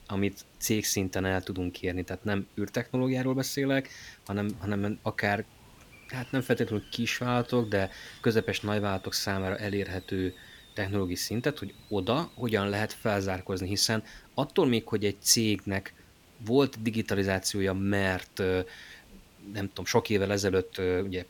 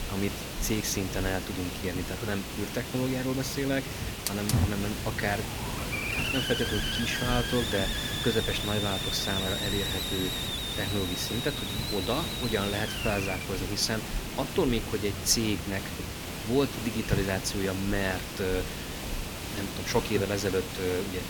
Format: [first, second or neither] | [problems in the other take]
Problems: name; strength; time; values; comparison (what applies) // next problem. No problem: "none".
first | hiss; loud; throughout; 1 dB below the speech; faint in the first